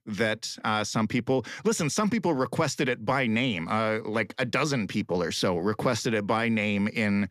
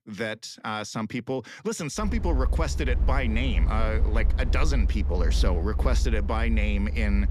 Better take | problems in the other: first | low rumble; noticeable; from 2 s on; 15 dB below the speech

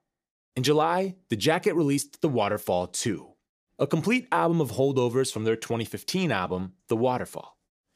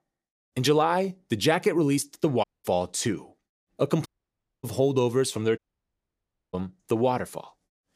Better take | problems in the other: first | audio cutting out; at 2.5 s, at 4 s for 0.5 s and at 5.5 s for 1 s

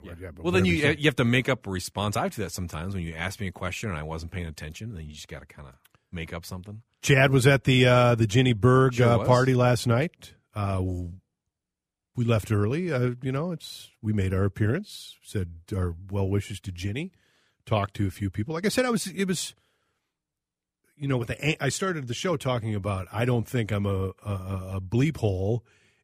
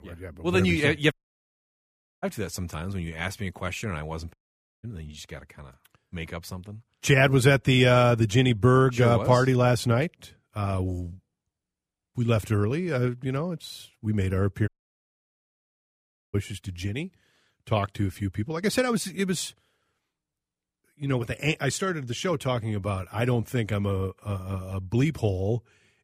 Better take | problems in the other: first | audio cutting out; at 1 s for 1 s, at 4.5 s and at 15 s for 1.5 s

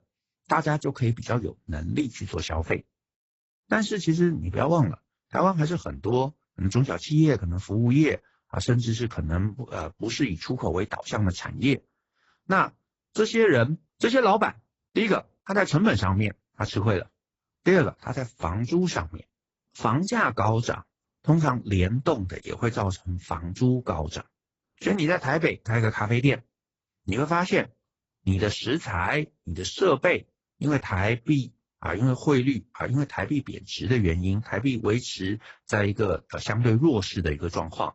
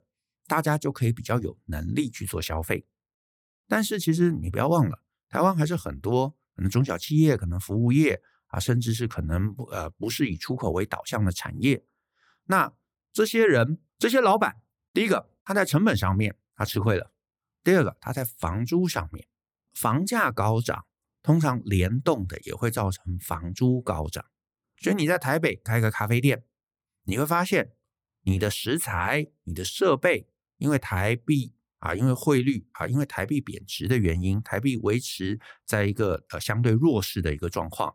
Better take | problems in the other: second | garbled, watery; badly; nothing above 8 kHz

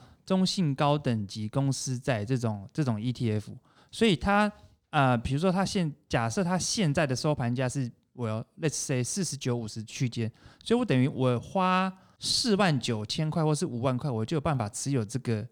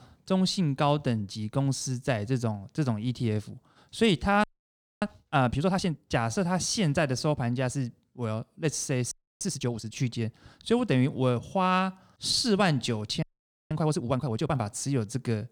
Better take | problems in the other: first | audio freezing; at 4.5 s for 0.5 s, at 9 s and at 13 s

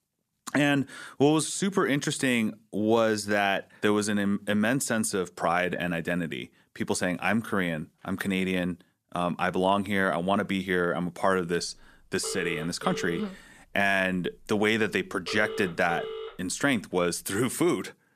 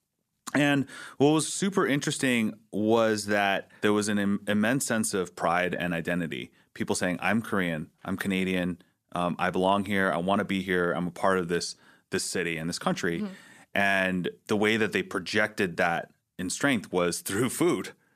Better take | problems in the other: second | phone ringing; noticeable; from 12 to 16 s; peak 8 dB below the speech

